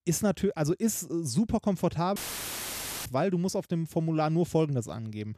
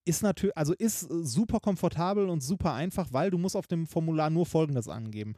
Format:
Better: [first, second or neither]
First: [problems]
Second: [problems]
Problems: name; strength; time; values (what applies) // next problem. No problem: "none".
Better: second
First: audio cutting out; filled with static; at 2 s for 1 s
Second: none